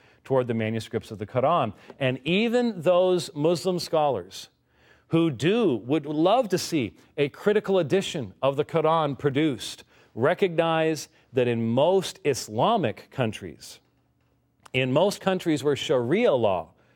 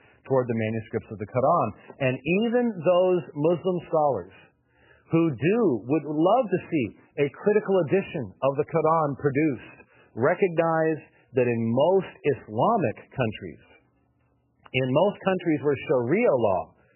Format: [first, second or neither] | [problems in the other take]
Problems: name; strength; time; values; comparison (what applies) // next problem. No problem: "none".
first | garbled, watery; badly; nothing above 3 kHz